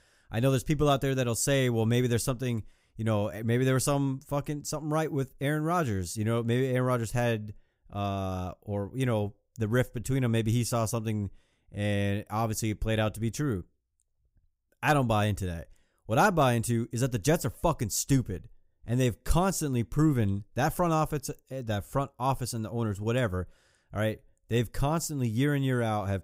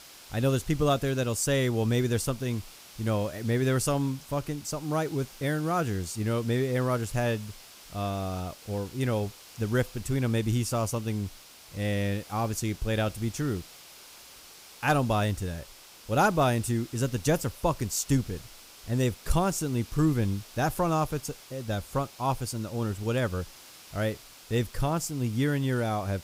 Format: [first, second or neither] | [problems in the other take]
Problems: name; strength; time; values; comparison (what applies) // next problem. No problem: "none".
first | hiss; noticeable; throughout; 20 dB below the speech